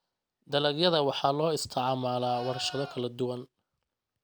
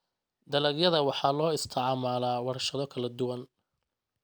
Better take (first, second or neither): second